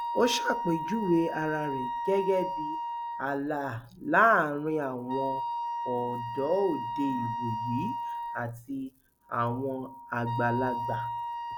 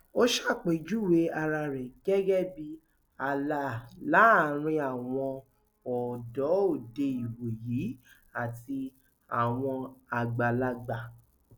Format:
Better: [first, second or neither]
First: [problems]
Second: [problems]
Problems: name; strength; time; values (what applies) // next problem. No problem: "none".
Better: second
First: background sound (Wind instrument, woodwind instrument); 5 dB below the speech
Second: none